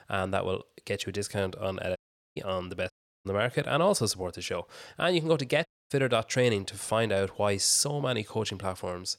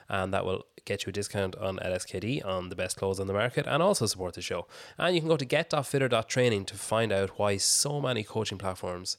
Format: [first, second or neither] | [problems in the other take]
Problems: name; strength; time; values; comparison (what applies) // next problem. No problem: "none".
second | audio cutting out; at 2 s, at 3 s and at 5.5 s